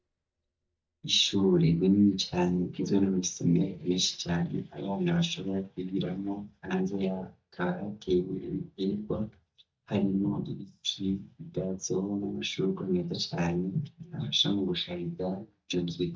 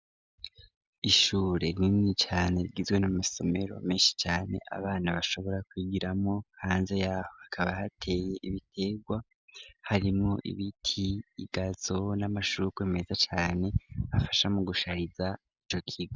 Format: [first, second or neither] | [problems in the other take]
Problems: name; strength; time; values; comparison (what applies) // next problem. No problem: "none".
second | noise reduction (neural mask model DeepFilterNet 3)